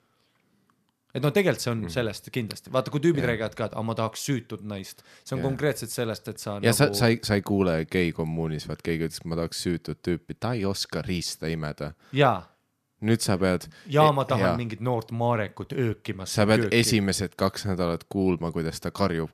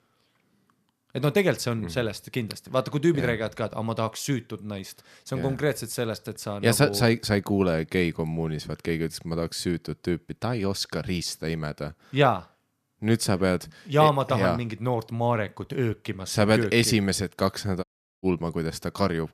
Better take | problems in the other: first | audio cutting out; at 18 s

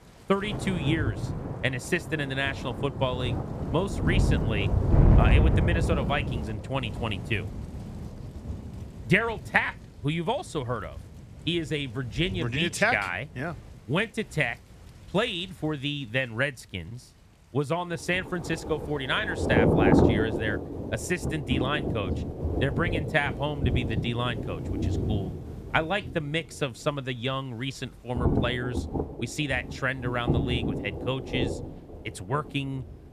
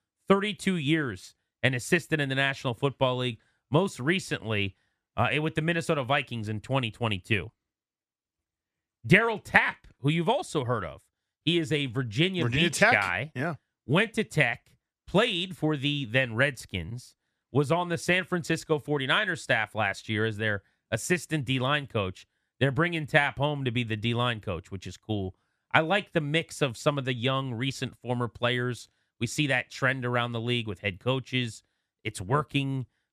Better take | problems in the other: second | rain or running water; very loud; throughout; as loud as the speech

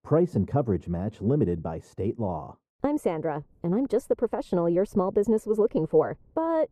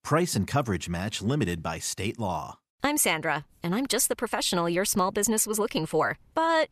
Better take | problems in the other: second | muffled; very; fading above 1.5 kHz

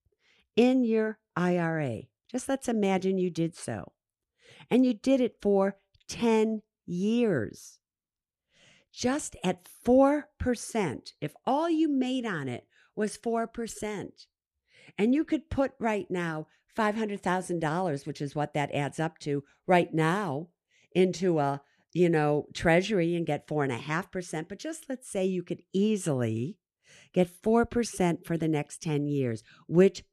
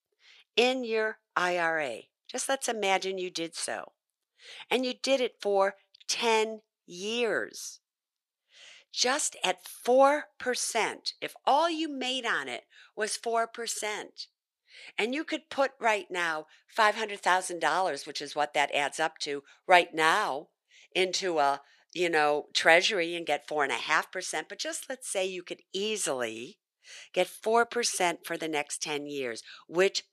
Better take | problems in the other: first | thin; very; fading below 700 Hz

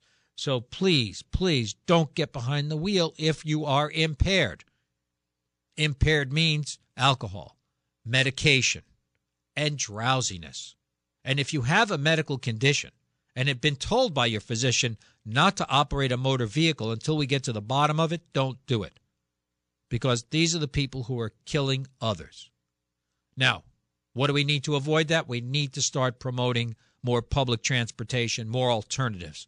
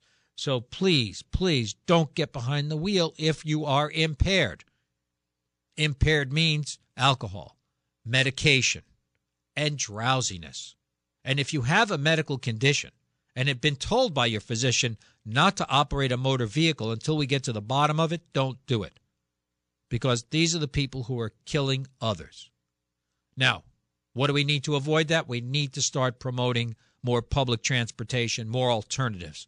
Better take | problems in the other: neither | none

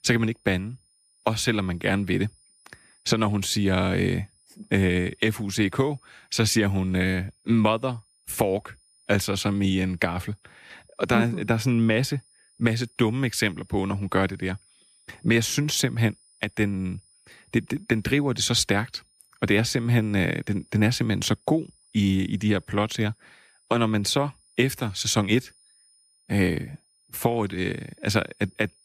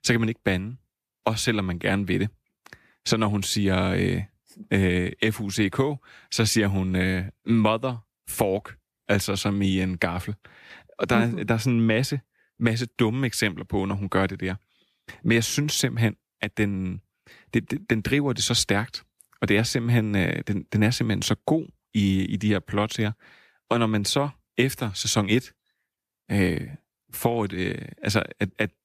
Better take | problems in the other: second | high-pitched whine; faint; throughout; 9.5 kHz, 35 dB below the speech

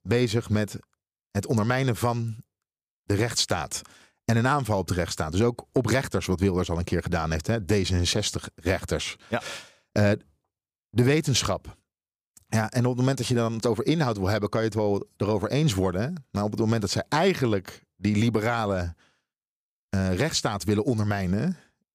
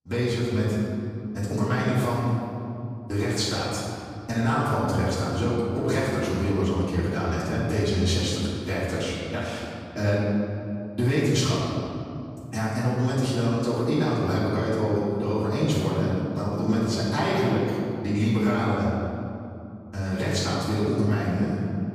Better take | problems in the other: first | off-mic speech; far // room echo; strong; dies away in 2.5 s

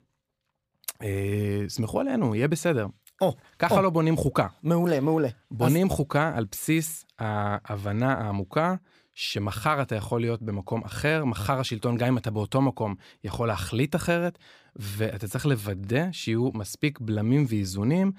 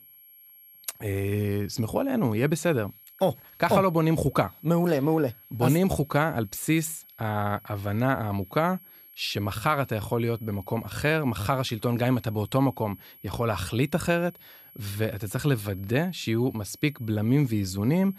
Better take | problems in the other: first | high-pitched whine; faint; throughout; 11.5 kHz, 20 dB below the speech

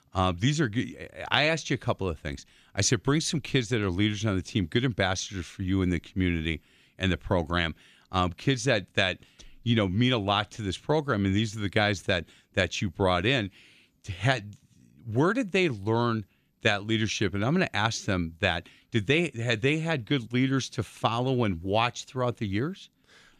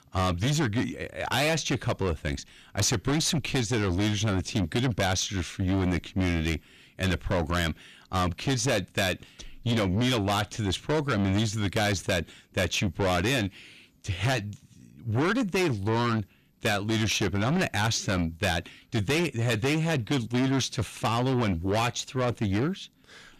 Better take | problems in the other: first | distortion; heavy; 6 dB below the speech

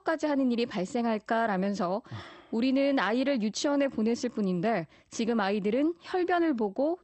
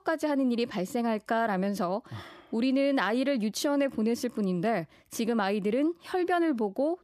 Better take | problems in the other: second | garbled, watery; slightly; nothing above 8 kHz

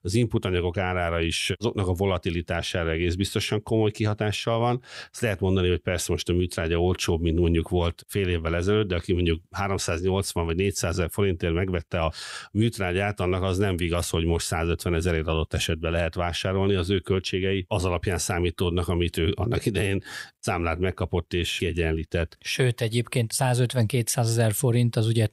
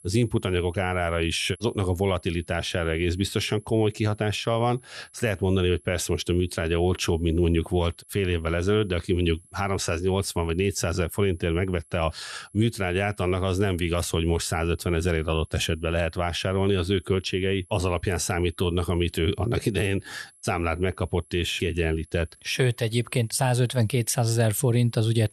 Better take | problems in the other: first | high-pitched whine; faint; throughout; 11 kHz, 30 dB below the speech

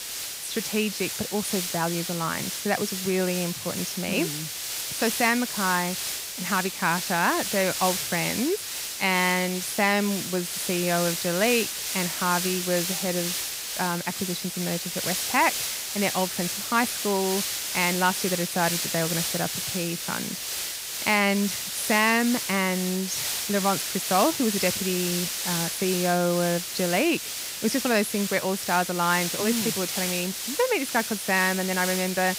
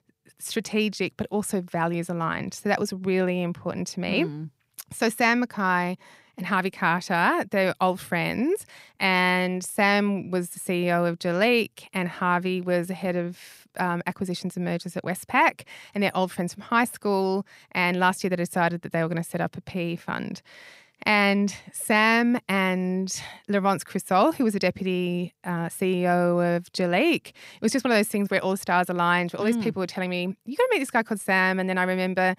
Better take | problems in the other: second | hiss; loud; throughout; 2 dB below the speech

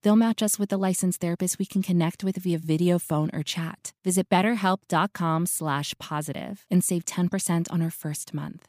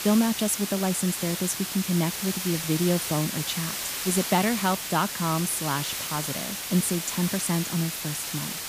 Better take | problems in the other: first | hiss; loud; throughout; 3 dB below the speech

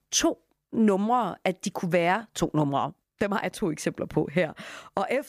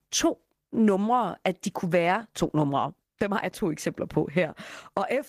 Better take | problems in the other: first | garbled, watery; slightly; nothing above 15 kHz

